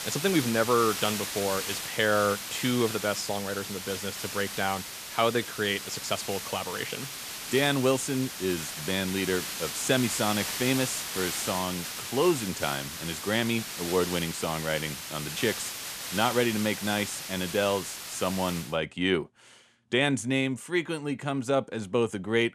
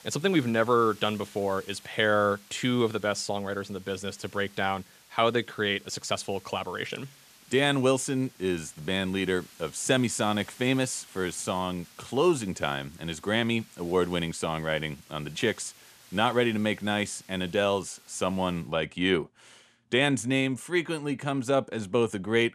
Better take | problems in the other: second | hiss; loud; until 19 s; 5 dB below the speech; faint in the second

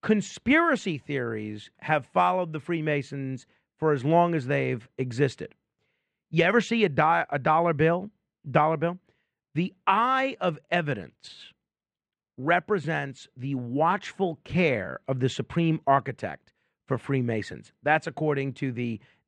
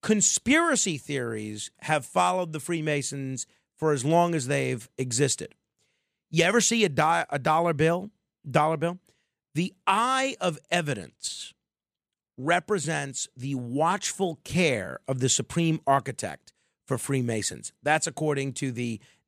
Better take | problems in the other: second | muffled; very; fading above 2 kHz

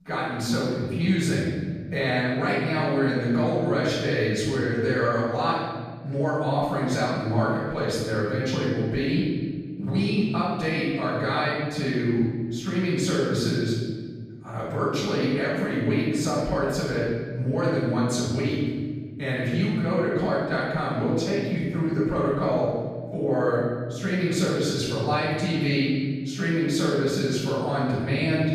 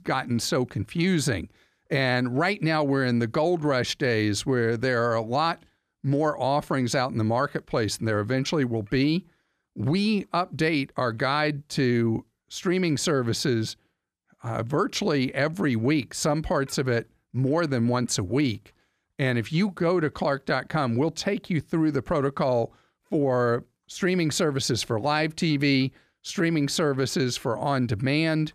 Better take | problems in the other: second | off-mic speech; far // room echo; strong; dies away in 1.6 s

